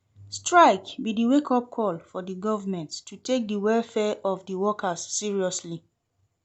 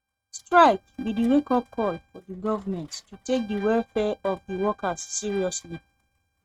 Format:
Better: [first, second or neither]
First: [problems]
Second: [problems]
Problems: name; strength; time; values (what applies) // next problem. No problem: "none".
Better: first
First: none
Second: noise reduction (neural mask model RNNoise)